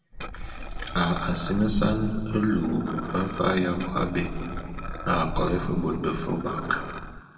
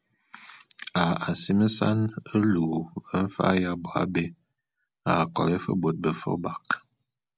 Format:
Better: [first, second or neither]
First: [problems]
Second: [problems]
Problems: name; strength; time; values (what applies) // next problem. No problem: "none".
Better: second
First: background sound (Liquid); 7 dB below the speech // room echo; dies away in 2.1 s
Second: none